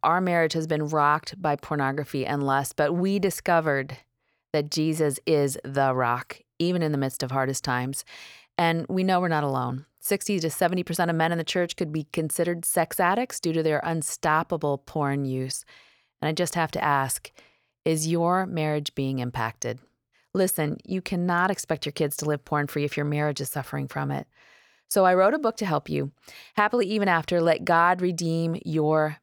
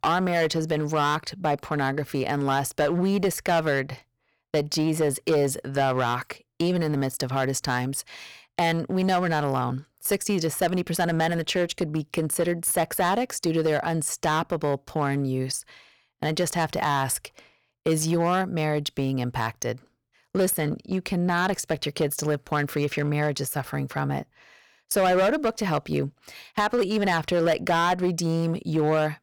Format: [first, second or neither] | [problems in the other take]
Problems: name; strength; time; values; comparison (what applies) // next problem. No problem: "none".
first | distortion; slight; 7% of the sound clipped